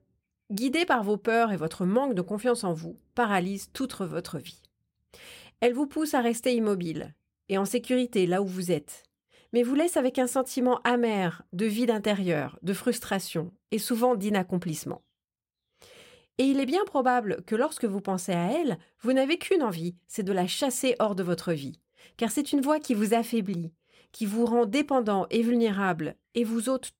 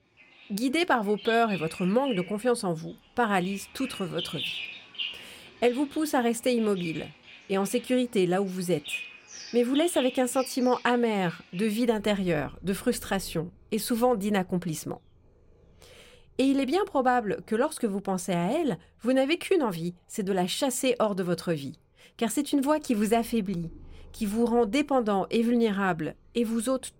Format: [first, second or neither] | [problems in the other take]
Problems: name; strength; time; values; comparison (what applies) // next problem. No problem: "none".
first | animal sounds; noticeable; throughout; 10 dB below the speech